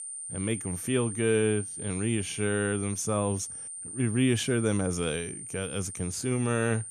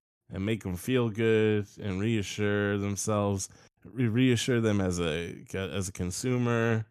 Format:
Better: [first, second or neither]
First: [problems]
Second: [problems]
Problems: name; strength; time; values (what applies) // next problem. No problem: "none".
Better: second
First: high-pitched whine; loud; throughout; 9 kHz, 7 dB below the speech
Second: none